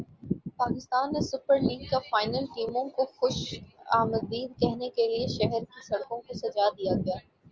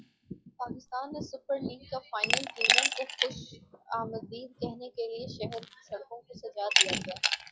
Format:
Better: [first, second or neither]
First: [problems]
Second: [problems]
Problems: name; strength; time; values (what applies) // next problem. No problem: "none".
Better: first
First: none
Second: noise reduction (classical method log-MMSE)